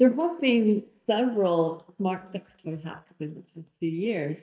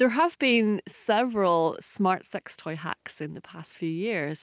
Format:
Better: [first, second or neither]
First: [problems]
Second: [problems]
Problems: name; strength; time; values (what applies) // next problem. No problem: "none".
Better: second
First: noise reduction (neural mask model DeepFilterNet 3)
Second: none